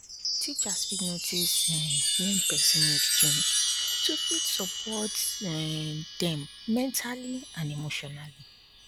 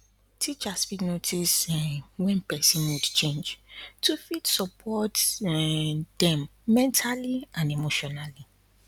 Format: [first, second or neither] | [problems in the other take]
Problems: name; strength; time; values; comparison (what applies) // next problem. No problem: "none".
second | background sound (Chime); 3 dB above the speech